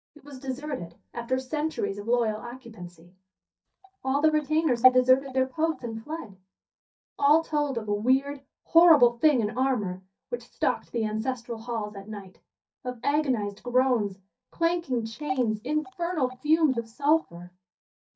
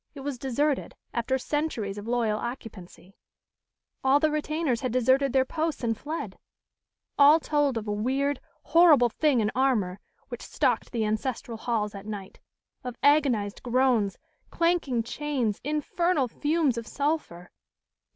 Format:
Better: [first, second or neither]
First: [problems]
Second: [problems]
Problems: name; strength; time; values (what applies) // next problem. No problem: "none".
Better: second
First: noise reduction (neural mask model DeepFilterNet 3)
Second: none